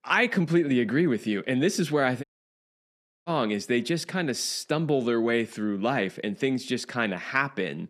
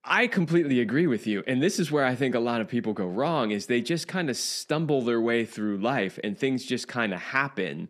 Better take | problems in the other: second | audio cutting out; at 2 s for 1 s

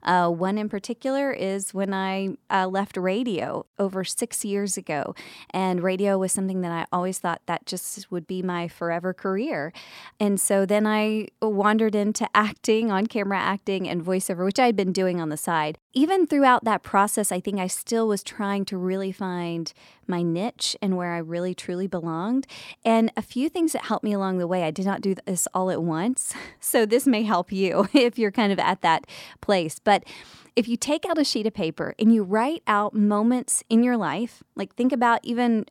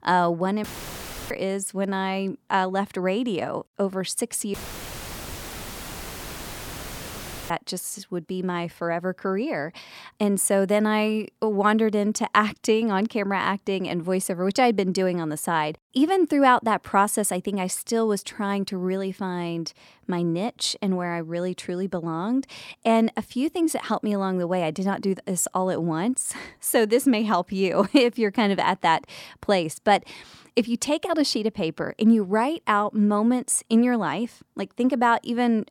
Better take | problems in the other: first | audio cutting out; filled with static; at 0.5 s for 0.5 s and at 4.5 s for 3 s

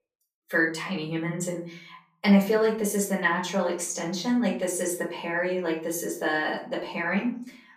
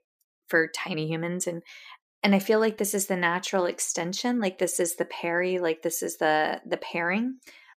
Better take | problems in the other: second | off-mic speech; far // room echo; slight; dies away in 0.4 s

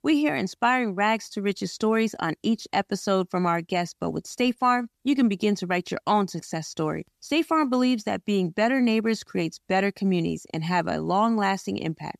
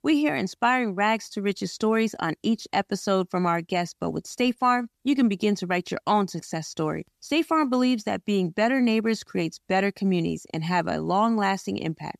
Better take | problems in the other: neither | none

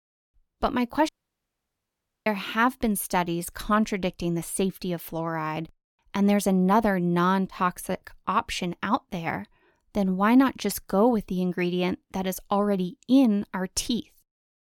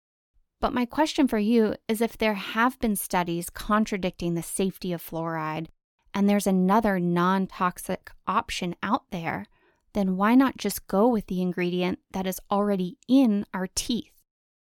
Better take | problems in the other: second | audio cutting out; at 1 s for 1 s

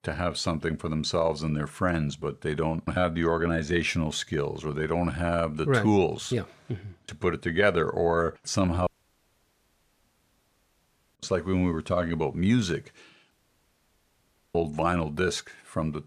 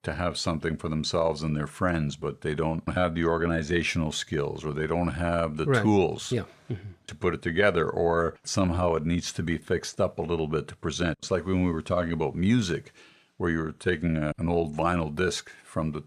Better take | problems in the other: second | audio cutting out; at 9 s for 2.5 s and at 13 s for 1 s

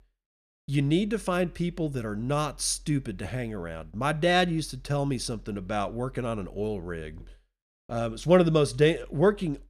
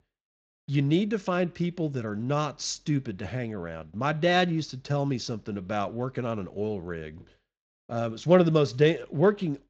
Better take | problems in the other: first | garbled, watery; slightly

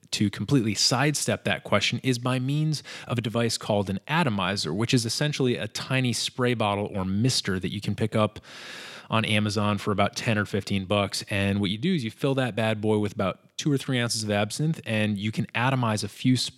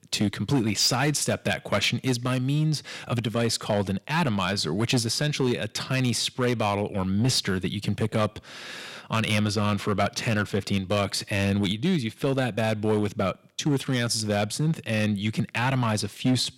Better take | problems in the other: first | distortion; slight; 5% of the sound clipped

